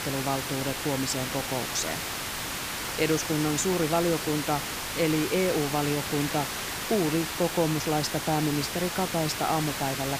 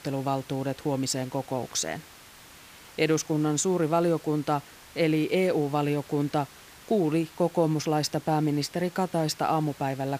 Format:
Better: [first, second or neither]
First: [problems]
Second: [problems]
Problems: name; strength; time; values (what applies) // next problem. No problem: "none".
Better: second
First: hiss; loud; throughout; 3 dB below the speech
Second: hiss; faint; throughout; 20 dB below the speech